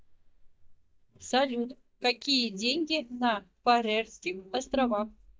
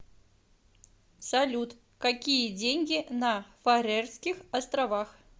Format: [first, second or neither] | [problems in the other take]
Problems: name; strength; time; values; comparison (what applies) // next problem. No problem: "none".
second | noise reduction (neural mask model DeepFilterNet 3)